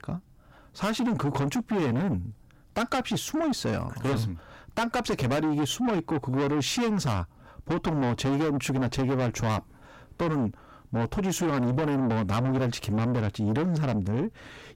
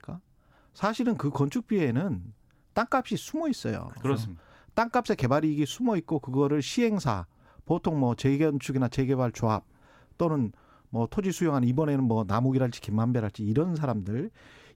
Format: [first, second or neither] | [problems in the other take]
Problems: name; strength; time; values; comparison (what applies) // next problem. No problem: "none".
second | distortion; heavy; 6 dB below the speech